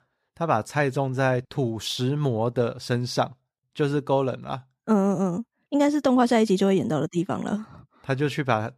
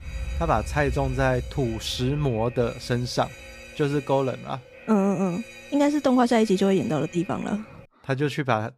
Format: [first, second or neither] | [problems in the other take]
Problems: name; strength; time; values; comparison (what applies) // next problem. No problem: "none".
first | alarm; noticeable; until 7.5 s; peak 7 dB below the speech